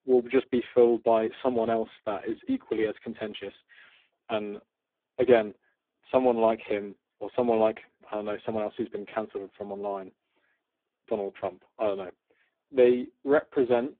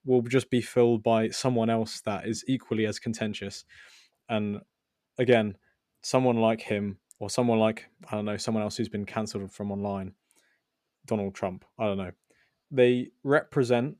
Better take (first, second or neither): second